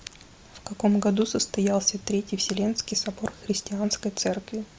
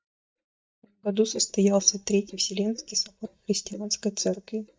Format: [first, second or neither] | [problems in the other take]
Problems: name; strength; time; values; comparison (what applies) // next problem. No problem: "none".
first | noise reduction (neural mask model DeepFilterNet 3)